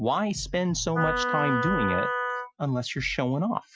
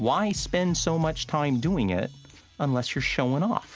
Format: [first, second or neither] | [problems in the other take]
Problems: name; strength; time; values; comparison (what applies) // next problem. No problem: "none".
second | noise reduction (classical method Wiener filter)